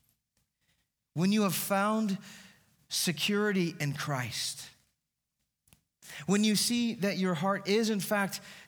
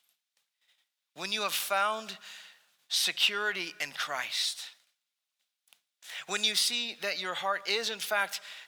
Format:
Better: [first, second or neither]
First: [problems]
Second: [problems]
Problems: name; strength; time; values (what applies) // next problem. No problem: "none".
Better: first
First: none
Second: thin; very; fading below 650 Hz